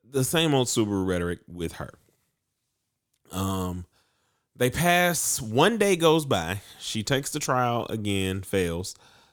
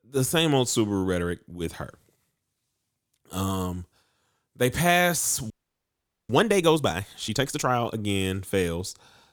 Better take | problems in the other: first | audio freezing; at 5.5 s for 1 s

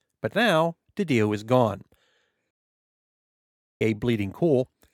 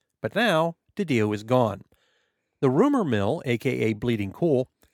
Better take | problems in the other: second | audio cutting out; at 2.5 s for 1.5 s

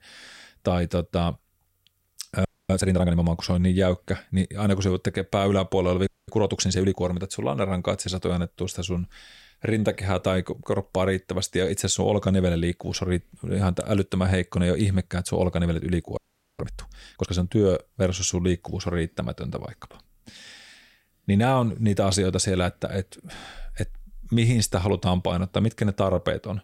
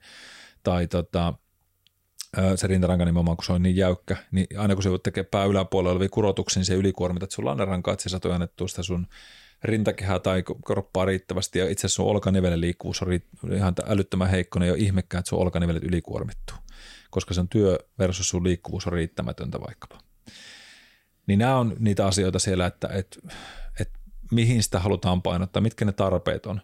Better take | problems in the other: second | audio freezing; at 2.5 s, at 6 s and at 16 s

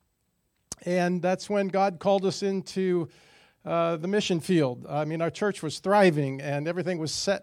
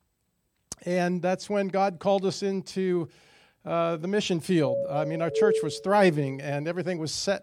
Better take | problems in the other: first | doorbell; loud; from 4.5 to 6 s; peak 2 dB above the speech

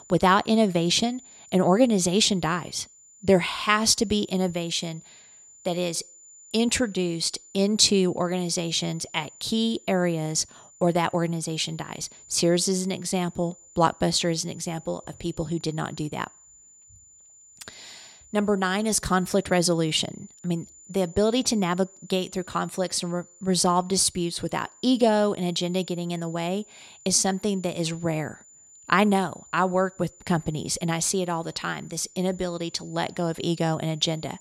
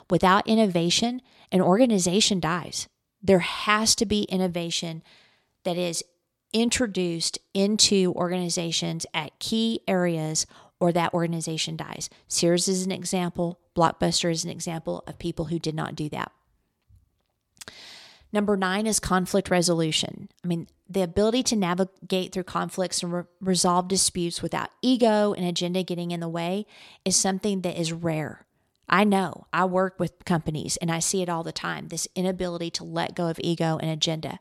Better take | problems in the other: second | high-pitched whine; faint; throughout; 7 kHz, 25 dB below the speech

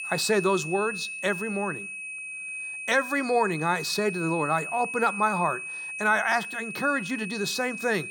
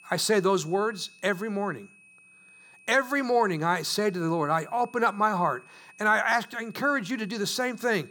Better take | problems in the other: second | high-pitched whine; loud; throughout; 2.5 kHz, 7 dB below the speech; faint in the second

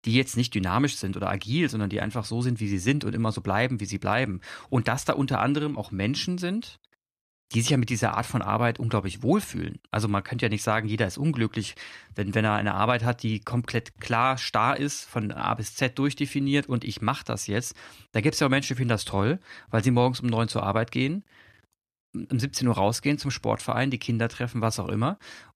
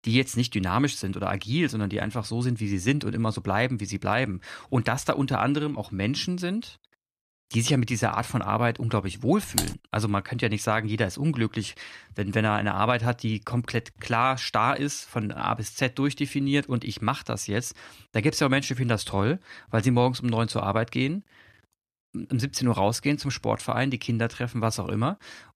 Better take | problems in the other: first | keyboard typing; noticeable; at 9.5 s; peak 2 dB below the speech

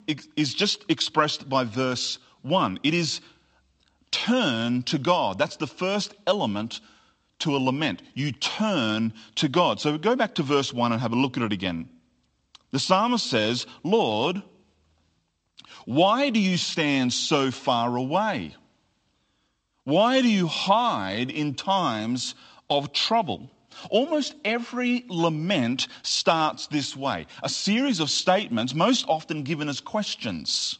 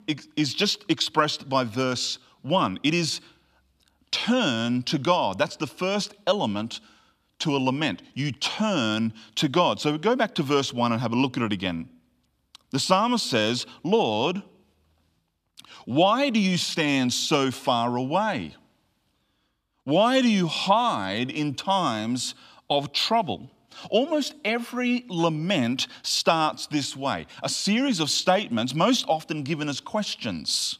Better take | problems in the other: second | garbled, watery; slightly; nothing above 8 kHz

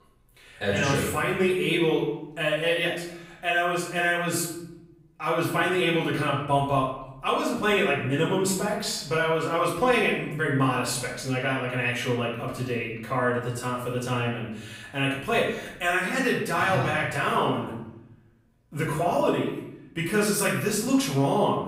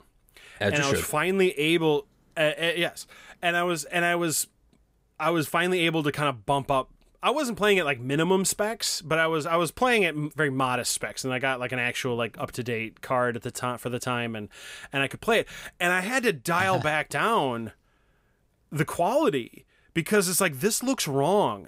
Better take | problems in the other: second | off-mic speech; far // room echo; noticeable; dies away in 0.8 s

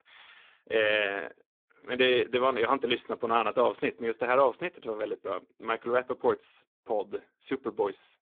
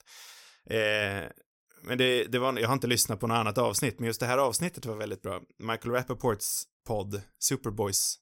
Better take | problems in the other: second | phone-call audio; poor line; nothing above 3.5 kHz

